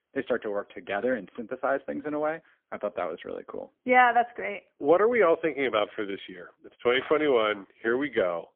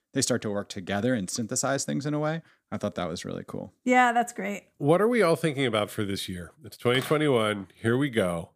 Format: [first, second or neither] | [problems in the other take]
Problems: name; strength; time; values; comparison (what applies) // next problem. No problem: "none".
second | phone-call audio; poor line; nothing above 3.5 kHz